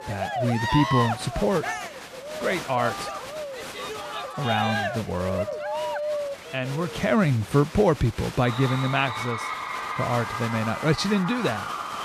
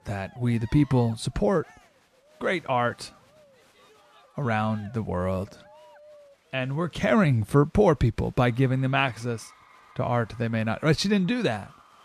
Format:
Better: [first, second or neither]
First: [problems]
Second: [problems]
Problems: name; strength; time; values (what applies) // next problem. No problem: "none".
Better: second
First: crowd noise; loud; throughout; 5 dB below the speech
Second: crowd noise; faint; throughout; 30 dB below the speech